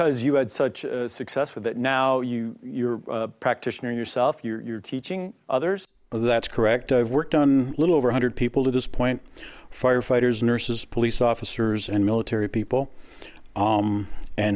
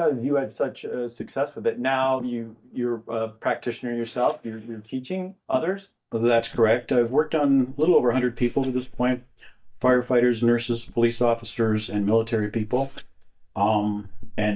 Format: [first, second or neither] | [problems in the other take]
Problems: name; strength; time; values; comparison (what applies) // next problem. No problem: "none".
first | noise reduction (neural mask model DeepFilterNet 3)